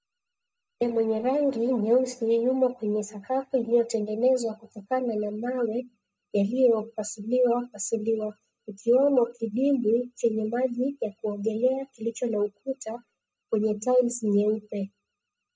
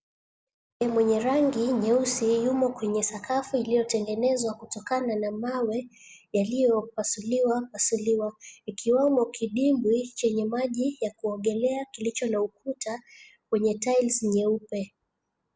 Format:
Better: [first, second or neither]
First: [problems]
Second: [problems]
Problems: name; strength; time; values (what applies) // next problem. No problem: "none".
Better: second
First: noise reduction (neural mask model DeepFilterNet 3)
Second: none